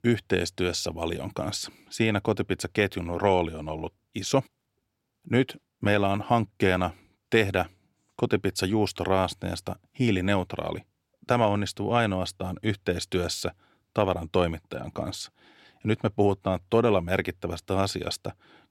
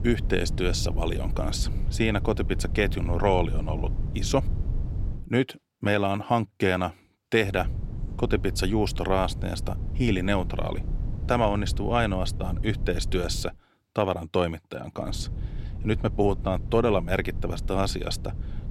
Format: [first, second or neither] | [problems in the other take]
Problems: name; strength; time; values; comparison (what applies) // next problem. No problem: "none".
first | low rumble; noticeable; until 5 s, from 7.5 to 13 s and from 15 s on; 20 dB below the speech